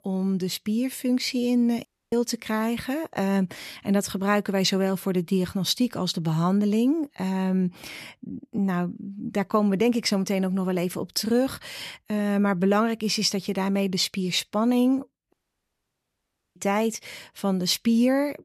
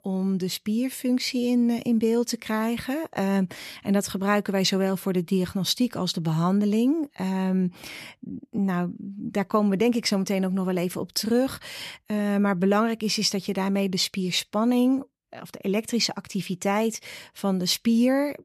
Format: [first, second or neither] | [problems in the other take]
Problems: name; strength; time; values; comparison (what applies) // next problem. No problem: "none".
second | audio cutting out; at 2 s and at 15 s for 1 s